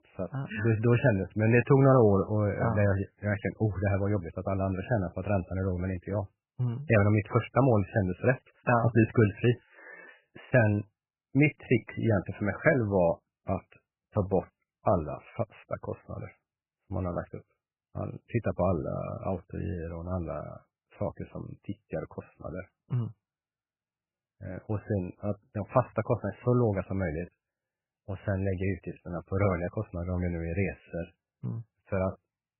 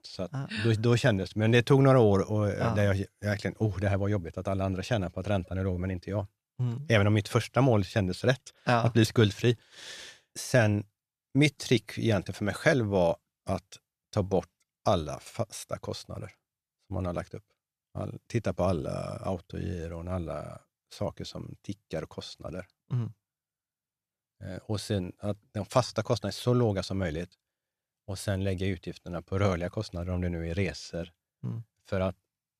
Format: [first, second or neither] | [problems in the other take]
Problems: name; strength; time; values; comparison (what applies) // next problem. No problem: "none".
second | garbled, watery; badly; nothing above 3 kHz